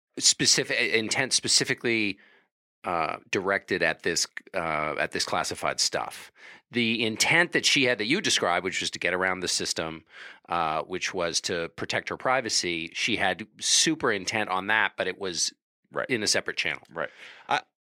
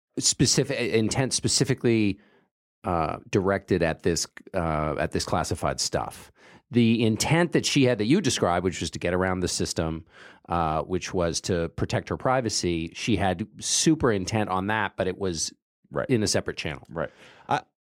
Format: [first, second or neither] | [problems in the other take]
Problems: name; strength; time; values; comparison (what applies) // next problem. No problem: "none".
second | thin; somewhat; fading below 500 Hz